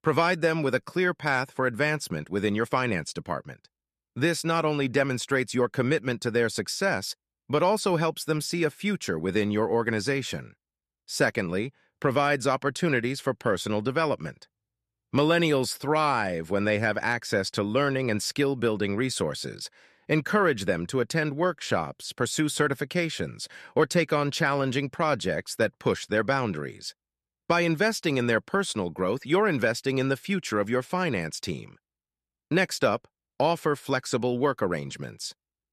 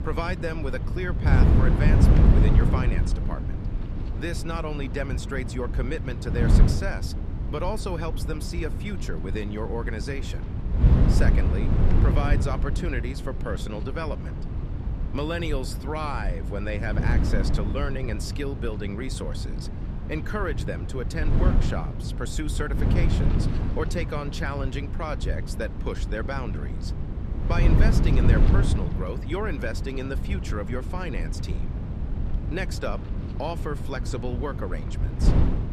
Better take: first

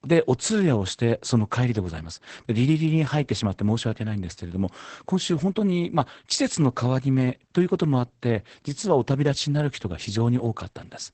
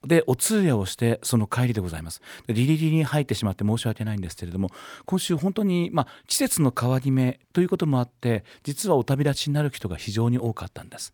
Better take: second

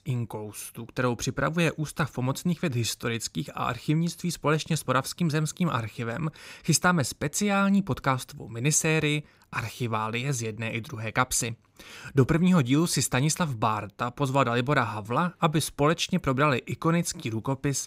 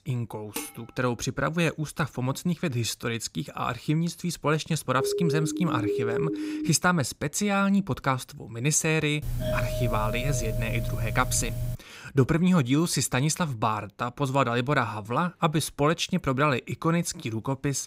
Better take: first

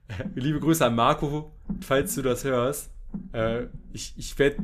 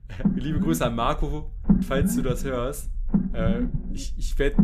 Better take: first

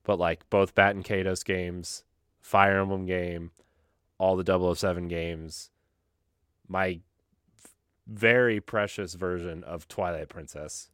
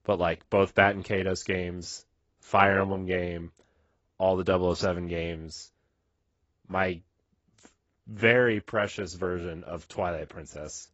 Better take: first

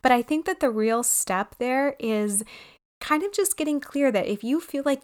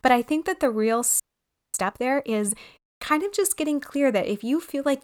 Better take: first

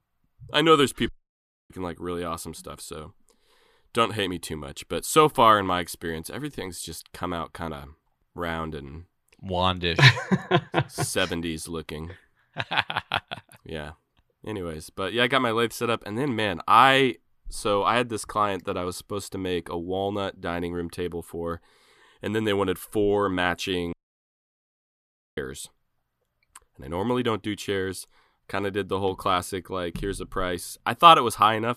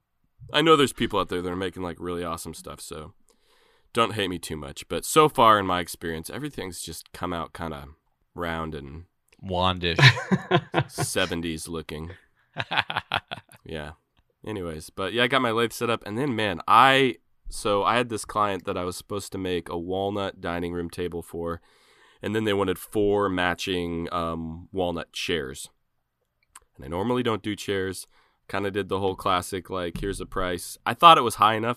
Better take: second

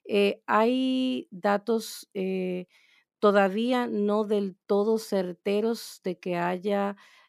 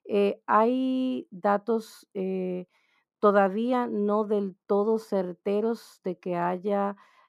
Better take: first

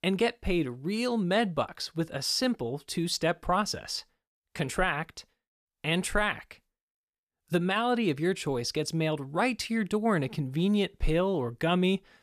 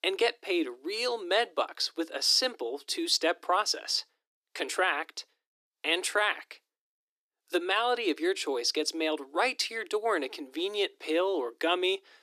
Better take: first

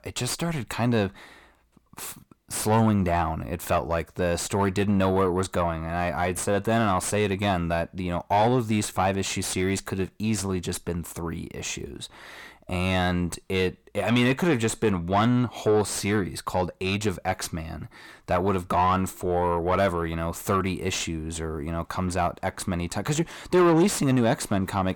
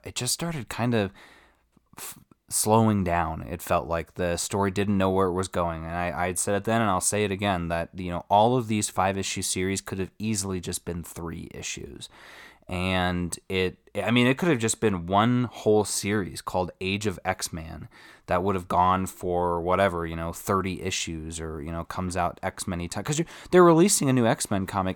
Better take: second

